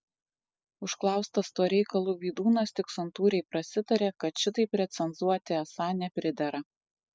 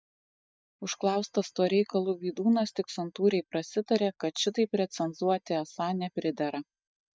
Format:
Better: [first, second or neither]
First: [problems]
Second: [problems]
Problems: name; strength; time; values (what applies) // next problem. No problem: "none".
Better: first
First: none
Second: noise reduction (neural mask model DeepFilterNet 3)